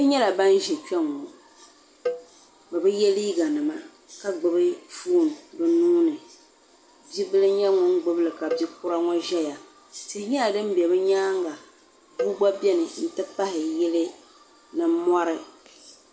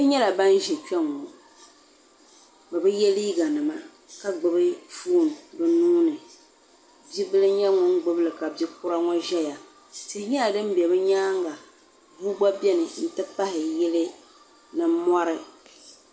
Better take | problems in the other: second | background sound (Cowbell); 12 dB below the speech

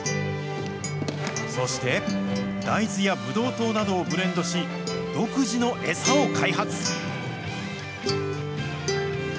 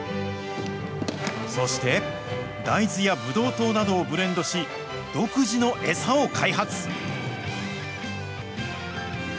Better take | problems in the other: second | background sound (Acoustic guitar); 3 dB below the speech

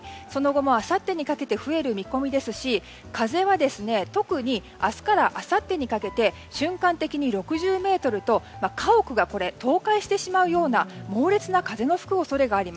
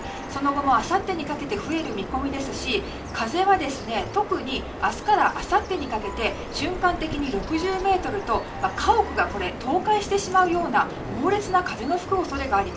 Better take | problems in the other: first | background sound (Bird vocalization, bird call, bird song); 10 dB below the speech // room echo; dies away in 0.2 s

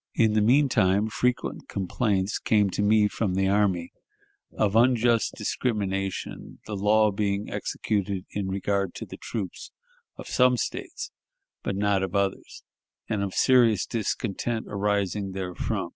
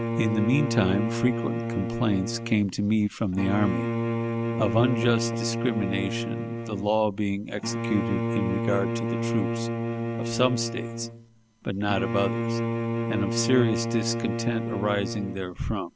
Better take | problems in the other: first | background sound (Bowed string instrument); 2 dB below the speech

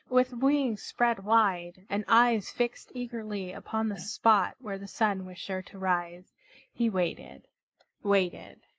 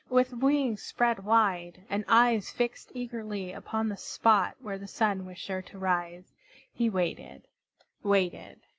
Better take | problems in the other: second | noise reduction (neural mask model Resemble Enhance denoiser)

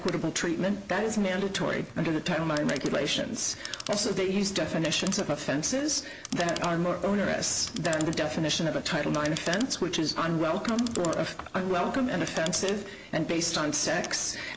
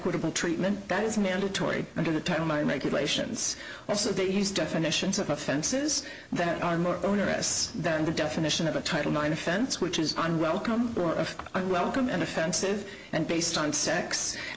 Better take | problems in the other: second | background sound (Clock); 17 dB below the speech

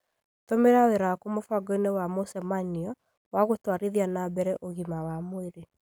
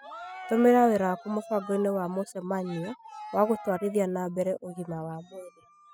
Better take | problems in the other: first | noise reduction (classical method spectral subtraction)

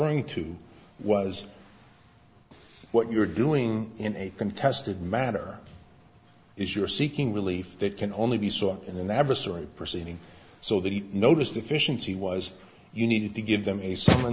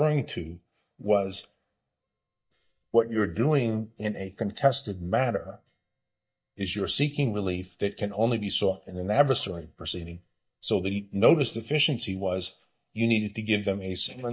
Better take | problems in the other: first | noise reduction (neural mask model DeepFilterNet 3)

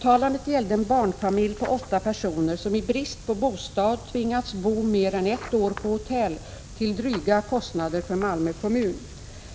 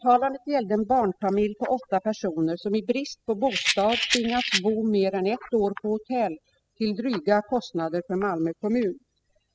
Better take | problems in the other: first | noise reduction (classical method spectral subtraction)

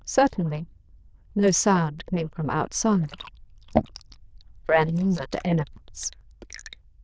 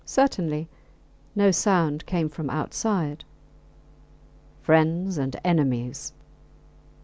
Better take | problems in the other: second | noise reduction (neural diffusion model UNIVERSE++)

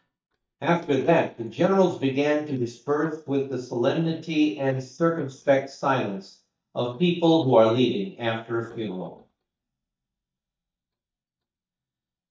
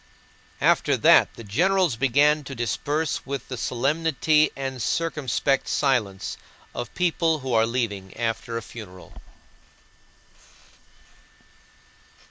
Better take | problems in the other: second | noise reduction (neural mask model DeepFilterNet 3)

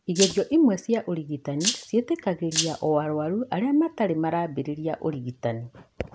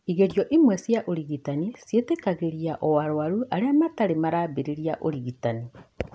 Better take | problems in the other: second | background sound (Rattle (instrument)); 5 dB below the speech

